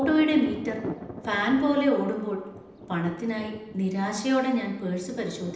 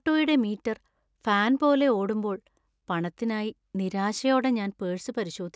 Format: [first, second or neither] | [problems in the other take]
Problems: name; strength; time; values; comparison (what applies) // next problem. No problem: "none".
second | background sound (Thunder); 14 dB below the speech // room echo; dies away in 0.8 s